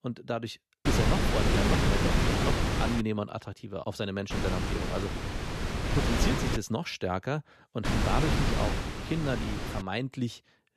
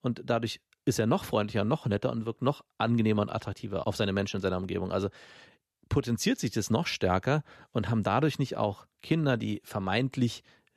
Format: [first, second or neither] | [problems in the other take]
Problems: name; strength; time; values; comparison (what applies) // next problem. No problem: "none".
second | wind noise on the microphone; heavy; from 1 to 3 s, from 4.5 to 6.5 s and from 8 to 10 s; 3 dB above the speech